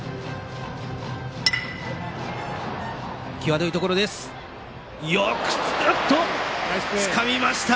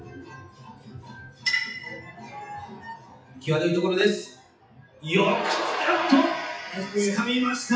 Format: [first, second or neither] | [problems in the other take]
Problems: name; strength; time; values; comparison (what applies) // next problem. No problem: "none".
first | noise reduction (classical method WPE with log-MMSE)